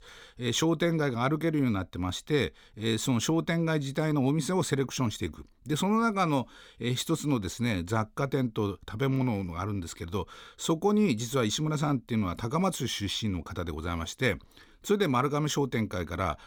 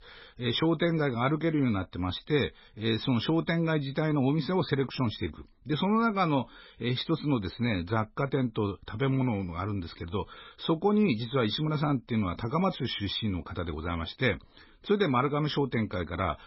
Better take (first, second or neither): first